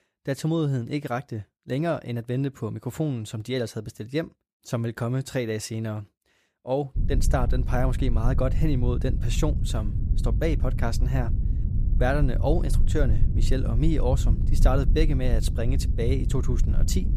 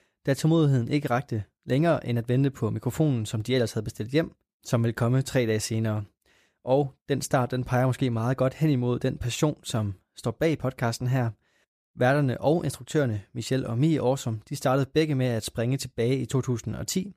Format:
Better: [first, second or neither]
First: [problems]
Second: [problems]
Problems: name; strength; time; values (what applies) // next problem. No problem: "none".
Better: second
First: low rumble; noticeable; from 7 s on; 10 dB below the speech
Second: none